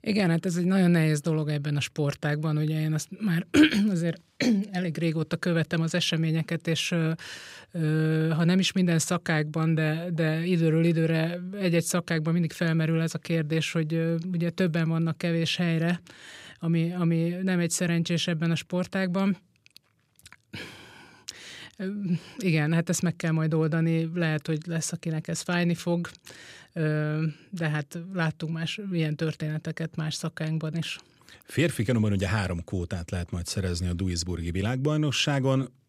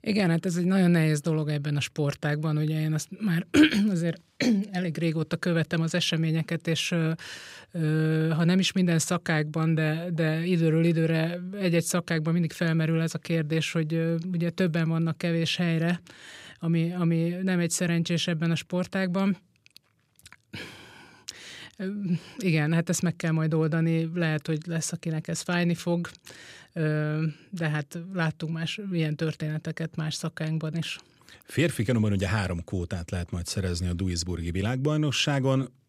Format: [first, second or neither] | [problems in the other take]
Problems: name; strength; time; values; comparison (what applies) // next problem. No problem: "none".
neither | none